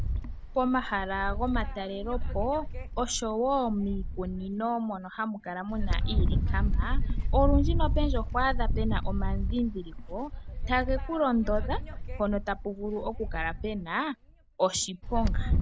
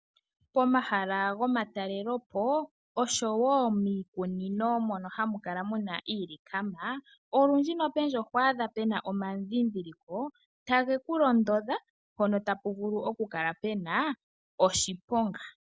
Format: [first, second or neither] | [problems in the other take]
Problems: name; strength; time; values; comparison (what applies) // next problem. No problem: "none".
second | background sound (Wind); 2 dB above the speech